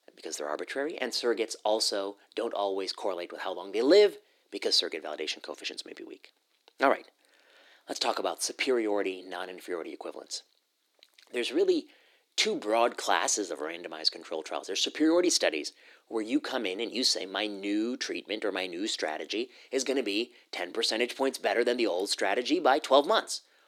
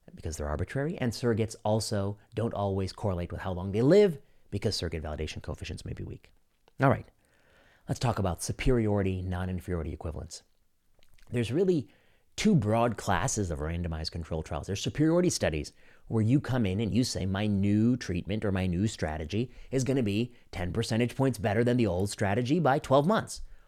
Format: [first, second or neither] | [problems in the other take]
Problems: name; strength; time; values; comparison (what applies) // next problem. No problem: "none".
second | thin; somewhat; fading below 300 Hz